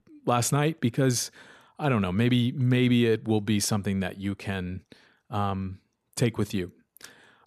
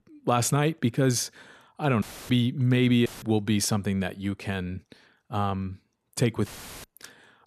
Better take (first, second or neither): first